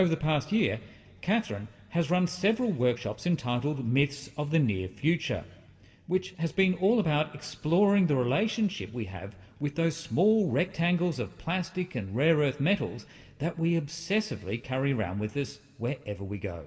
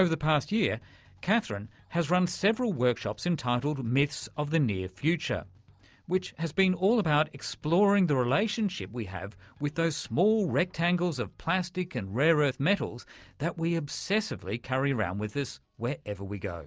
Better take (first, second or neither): second